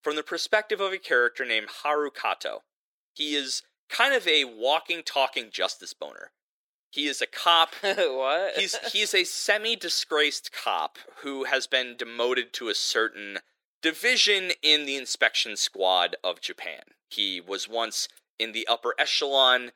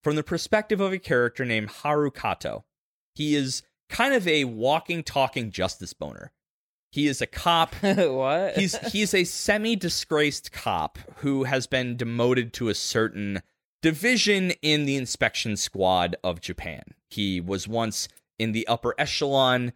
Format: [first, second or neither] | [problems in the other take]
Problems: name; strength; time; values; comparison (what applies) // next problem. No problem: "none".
second | thin; very; fading below 350 Hz